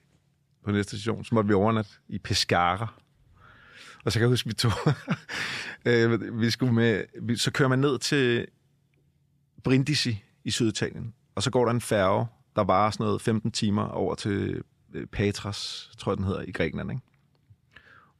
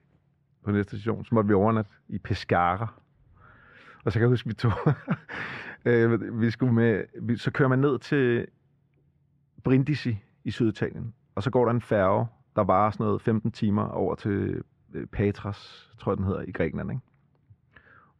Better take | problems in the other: first | muffled; very; fading above 3.5 kHz

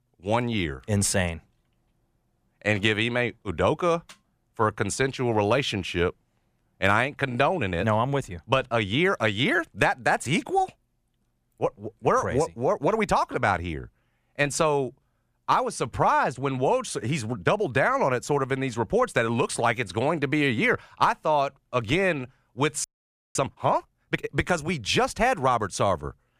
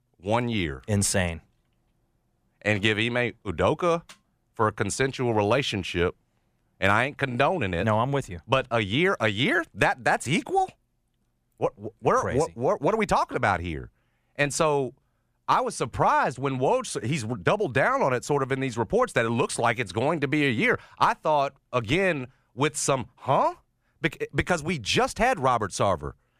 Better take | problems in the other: second | audio freezing; at 23 s for 0.5 s

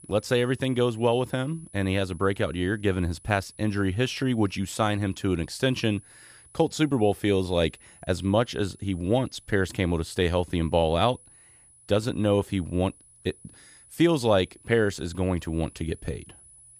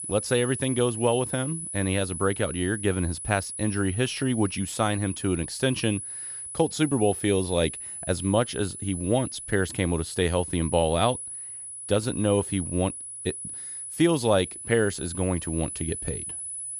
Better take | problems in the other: first | high-pitched whine; loud; throughout; 10 kHz, 7 dB below the speech; faint in the first

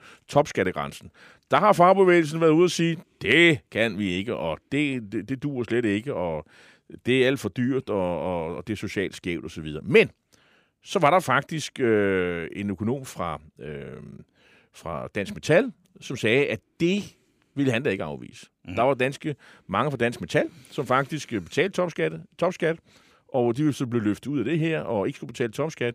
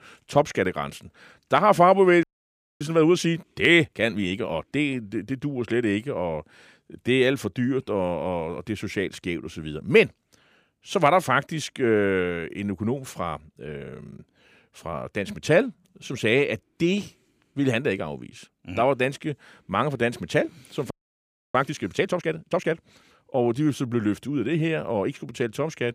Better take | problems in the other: first | audio freezing; at 2 s for 0.5 s and at 21 s for 0.5 s

